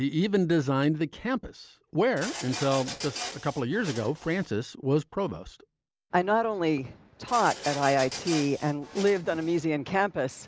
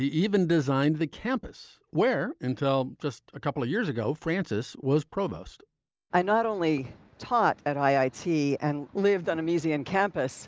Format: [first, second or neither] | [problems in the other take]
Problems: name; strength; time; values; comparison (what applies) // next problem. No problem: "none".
second | background sound (Printer); 11 dB below the speech